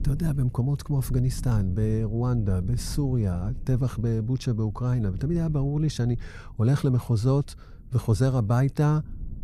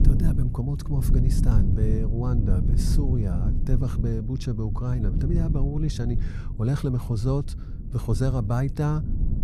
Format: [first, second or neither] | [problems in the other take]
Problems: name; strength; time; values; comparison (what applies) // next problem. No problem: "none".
first | low rumble; loud; throughout; 7 dB below the speech; faint in the first